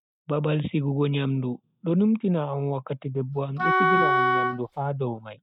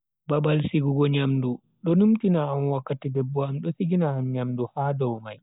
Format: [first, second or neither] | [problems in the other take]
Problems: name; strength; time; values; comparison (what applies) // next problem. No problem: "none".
second | noise reduction (neural mask model RNNoise)